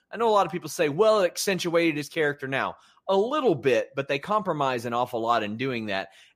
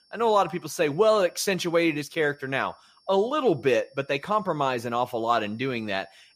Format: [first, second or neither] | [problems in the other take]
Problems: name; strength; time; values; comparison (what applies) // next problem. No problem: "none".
first | high-pitched whine; faint; throughout; 5.5 kHz, 35 dB below the speech